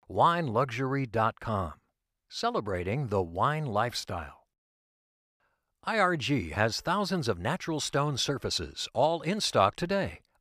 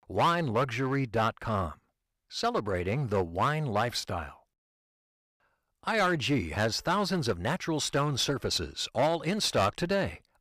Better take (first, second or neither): first